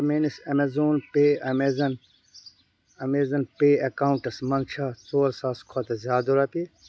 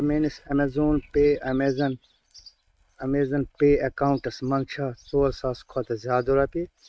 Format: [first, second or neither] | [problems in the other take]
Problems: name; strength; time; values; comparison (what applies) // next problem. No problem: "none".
first | noise reduction (neural mask model RNNoise)